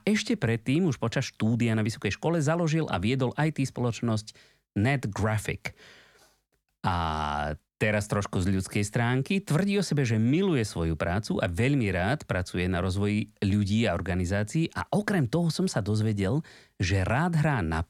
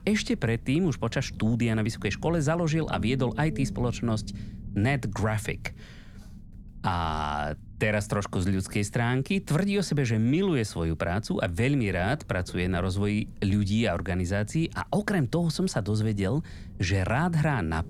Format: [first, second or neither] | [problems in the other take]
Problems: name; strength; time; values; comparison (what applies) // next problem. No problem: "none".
first | low rumble; faint; throughout; 20 dB below the speech